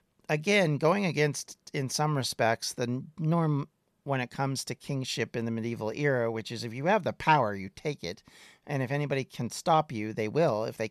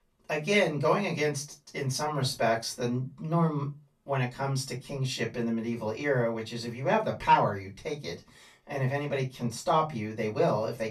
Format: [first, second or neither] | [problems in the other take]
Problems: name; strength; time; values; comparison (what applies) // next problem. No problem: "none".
first | off-mic speech; far // room echo; very slight; dies away in 0.2 s